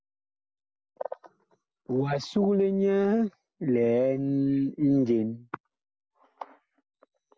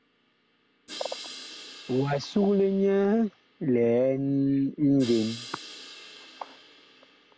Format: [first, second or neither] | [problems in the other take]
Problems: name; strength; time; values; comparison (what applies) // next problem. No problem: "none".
first | background sound (Crash cymbal); 19 dB below the speech